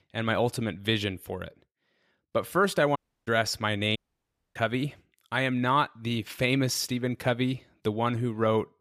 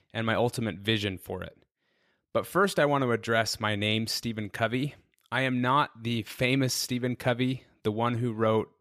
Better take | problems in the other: second | audio cutting out; at 3 s and at 4 s for 0.5 s

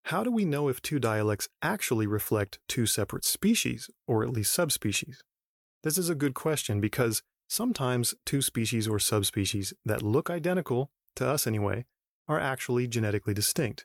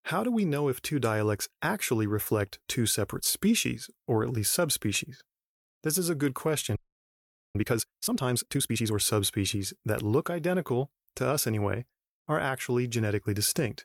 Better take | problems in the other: first | audio freezing; at 7 s for 1 s

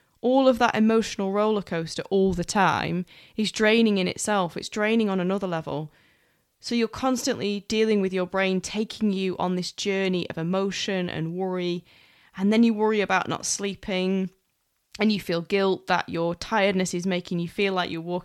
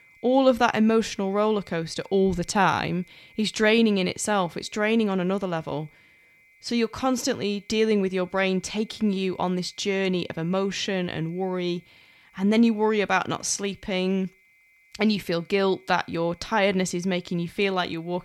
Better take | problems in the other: first | high-pitched whine; faint; throughout; 2 kHz, 30 dB below the speech

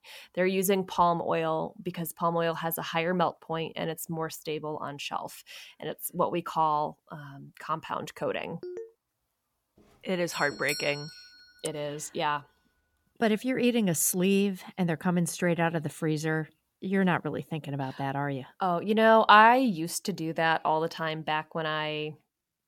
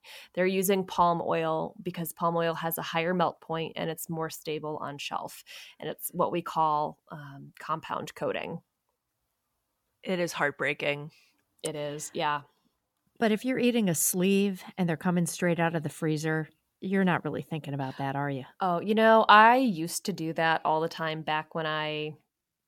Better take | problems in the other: second | phone ringing; faint; at 8.5 s; peak 15 dB below the speech // doorbell; noticeable; at 10 s; peak 8 dB below the speech

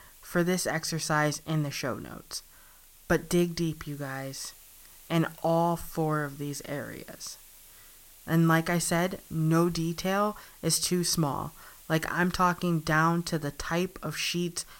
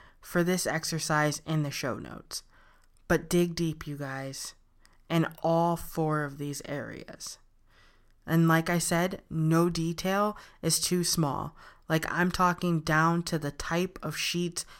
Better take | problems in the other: second | hiss; faint; throughout; 20 dB below the speech

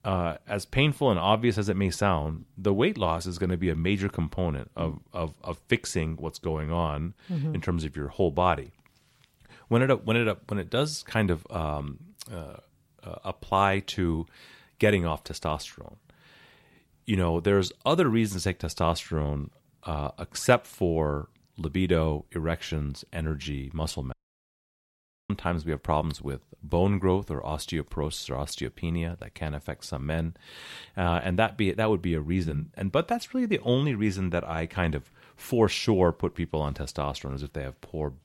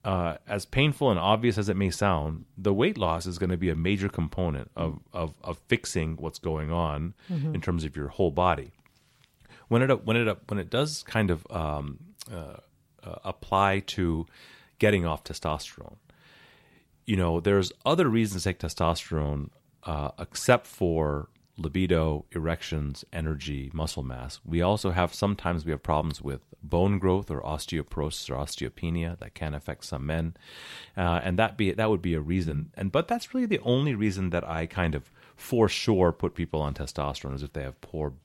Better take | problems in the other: second | audio cutting out; at 24 s for 1 s

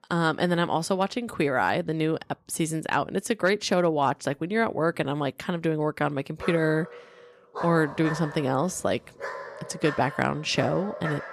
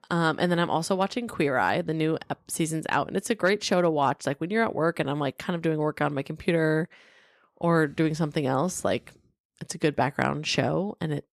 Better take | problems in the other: second | dog barking; noticeable; from 6.5 s on; peak 8 dB below the speech

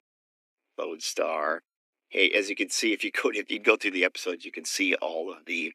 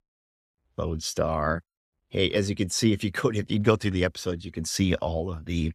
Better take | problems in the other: second | thin; somewhat; fading below 250 Hz

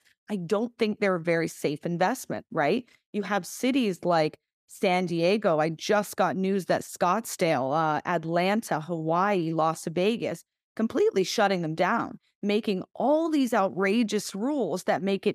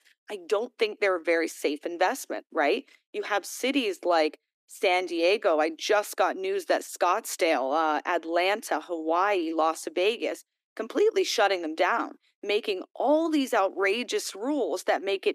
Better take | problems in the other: first | thin; somewhat; fading below 300 Hz

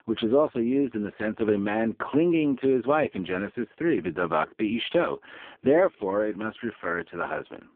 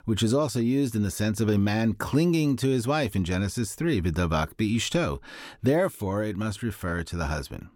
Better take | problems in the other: second | phone-call audio; poor line

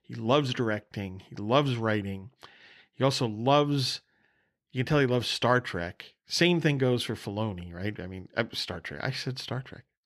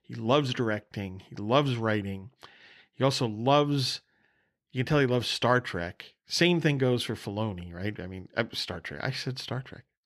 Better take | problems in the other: neither | none

